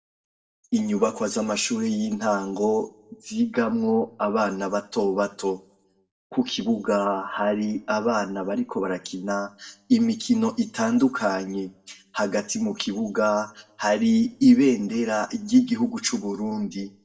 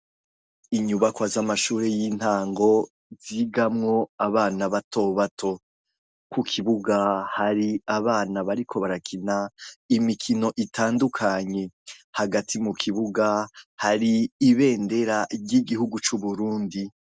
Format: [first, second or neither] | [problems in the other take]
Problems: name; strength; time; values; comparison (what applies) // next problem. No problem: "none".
second | room echo; dies away in 0.3 s